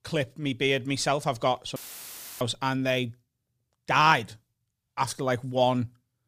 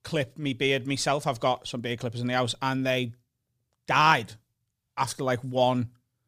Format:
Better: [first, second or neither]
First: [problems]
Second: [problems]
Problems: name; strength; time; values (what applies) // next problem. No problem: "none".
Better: second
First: audio cutting out; filled with static; at 2 s for 0.5 s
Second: none